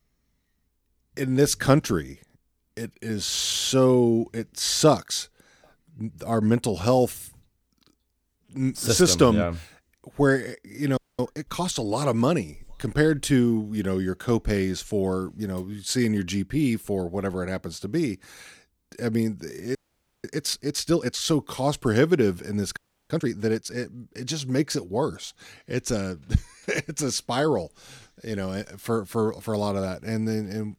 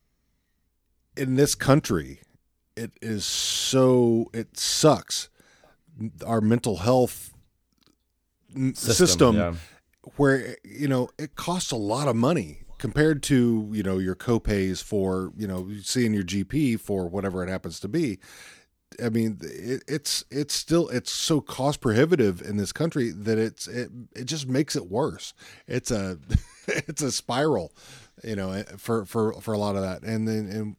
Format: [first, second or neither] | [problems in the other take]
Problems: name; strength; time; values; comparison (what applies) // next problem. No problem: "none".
second | audio freezing; at 11 s, at 20 s and at 23 s